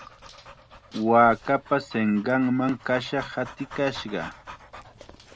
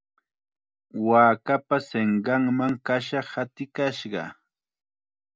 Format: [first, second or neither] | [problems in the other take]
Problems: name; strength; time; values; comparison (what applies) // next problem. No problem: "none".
second | background sound (Dog); 19 dB below the speech